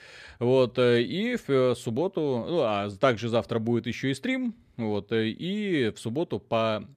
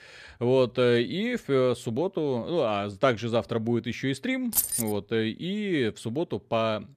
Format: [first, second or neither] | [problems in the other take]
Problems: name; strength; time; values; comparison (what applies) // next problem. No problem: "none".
first | jangling keys; loud; at 4.5 s; peak 2 dB above the speech